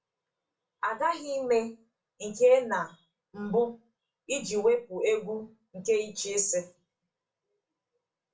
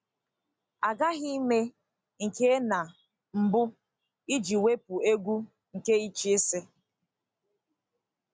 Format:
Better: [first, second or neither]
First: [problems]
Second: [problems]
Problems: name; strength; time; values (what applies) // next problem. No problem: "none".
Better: second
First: room echo; dies away in 0.3 s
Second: none